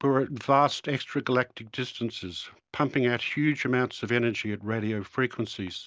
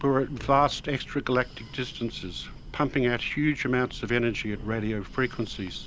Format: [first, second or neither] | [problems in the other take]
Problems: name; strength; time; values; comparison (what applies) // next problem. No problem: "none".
first | background sound (Breathing); 14 dB below the speech